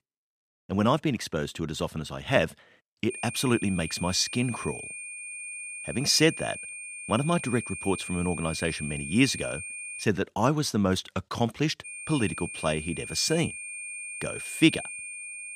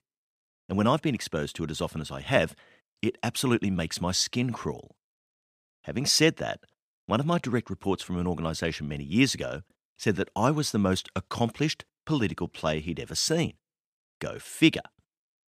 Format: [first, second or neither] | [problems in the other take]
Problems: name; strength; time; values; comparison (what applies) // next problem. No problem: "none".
second | high-pitched whine; loud; from 3 to 10 s and from 12 s on; 2.5 kHz, 9 dB below the speech